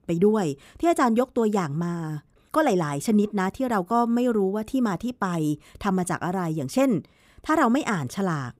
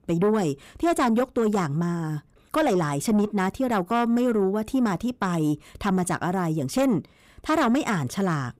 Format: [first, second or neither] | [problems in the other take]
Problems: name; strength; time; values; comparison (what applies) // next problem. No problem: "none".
first | distortion; slight; 10 dB below the speech